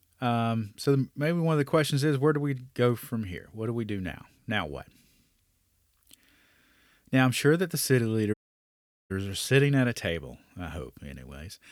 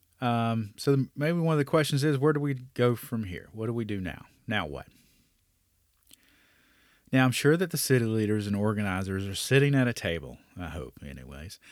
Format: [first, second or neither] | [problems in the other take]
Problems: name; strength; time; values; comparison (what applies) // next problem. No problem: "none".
second | audio cutting out; at 8.5 s for 1 s